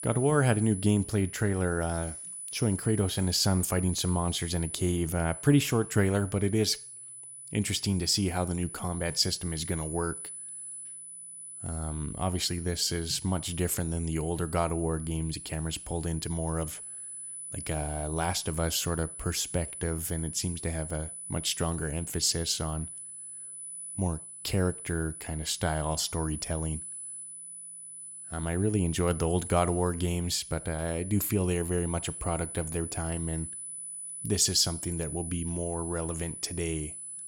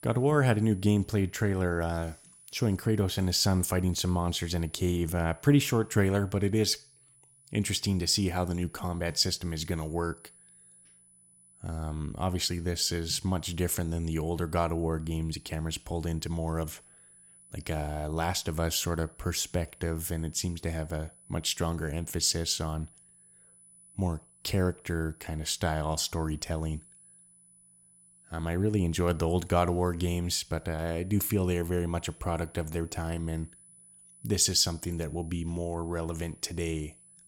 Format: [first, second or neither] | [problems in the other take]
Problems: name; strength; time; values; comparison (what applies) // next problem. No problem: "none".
second | high-pitched whine; loud; throughout; 10 kHz, 9 dB below the speech; faint in the second